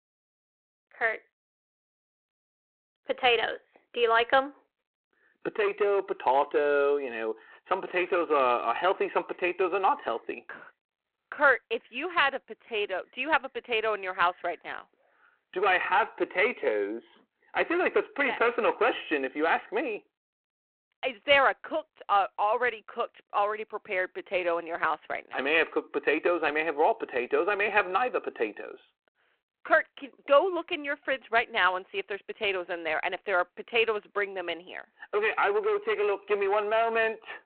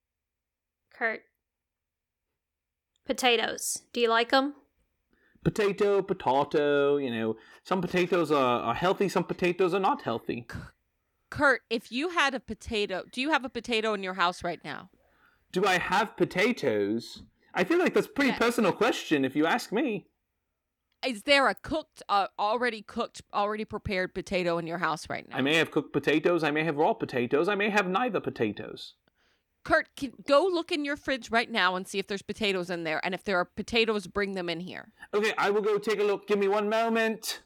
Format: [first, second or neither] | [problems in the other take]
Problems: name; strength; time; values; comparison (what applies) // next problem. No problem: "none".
second | phone-call audio